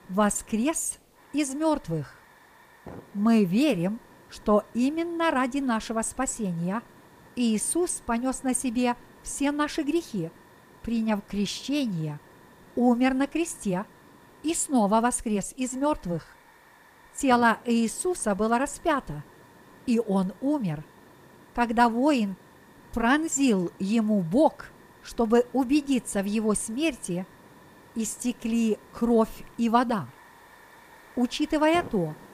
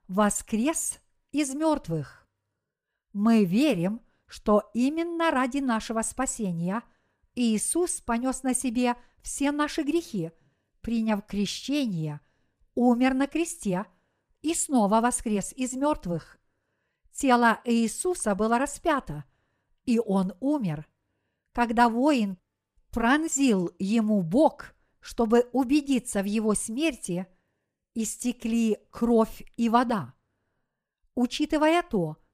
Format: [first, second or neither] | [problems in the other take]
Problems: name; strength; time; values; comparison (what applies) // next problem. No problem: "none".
second | hiss; faint; throughout; 25 dB below the speech